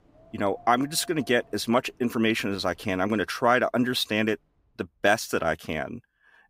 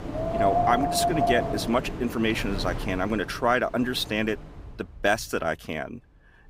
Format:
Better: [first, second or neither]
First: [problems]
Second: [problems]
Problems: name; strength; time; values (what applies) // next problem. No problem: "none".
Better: first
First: wind in the background; faint; throughout; 30 dB below the speech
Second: wind in the background; loud; throughout; 1 dB below the speech